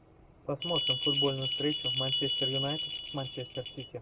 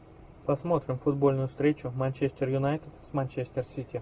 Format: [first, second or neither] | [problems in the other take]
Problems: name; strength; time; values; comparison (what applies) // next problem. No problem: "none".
second | background sound (Bell); 3 dB above the speech